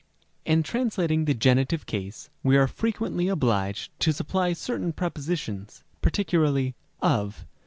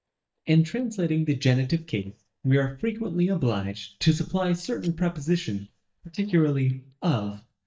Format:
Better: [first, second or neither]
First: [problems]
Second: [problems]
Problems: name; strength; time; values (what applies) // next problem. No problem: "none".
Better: first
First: none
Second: noise reduction (neural mask model DeepFilterNet 3)